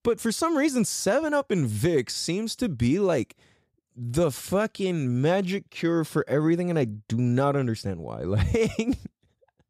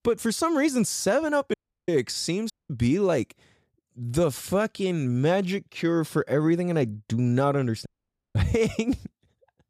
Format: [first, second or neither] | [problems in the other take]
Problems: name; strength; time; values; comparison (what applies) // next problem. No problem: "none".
first | audio cutting out; at 1.5 s, at 2.5 s and at 8 s